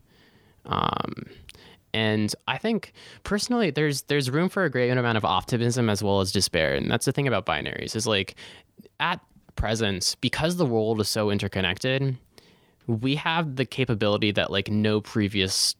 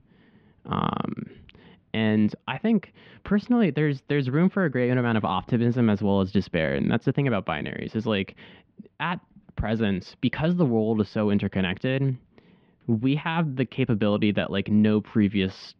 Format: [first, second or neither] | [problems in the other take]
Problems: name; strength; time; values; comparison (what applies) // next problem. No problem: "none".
first | muffled; very; fading above 3 kHz